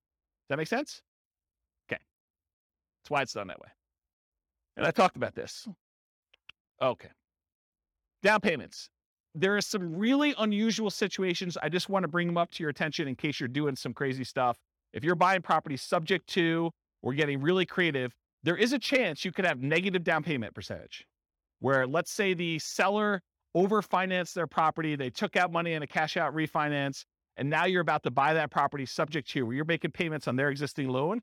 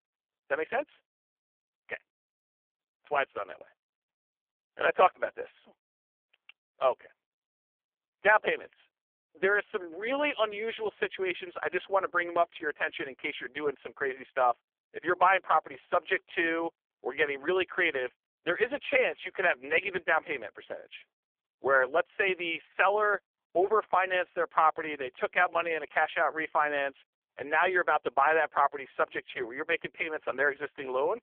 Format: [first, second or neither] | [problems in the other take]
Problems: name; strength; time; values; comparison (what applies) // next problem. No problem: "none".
first | phone-call audio; poor line; nothing above 3.5 kHz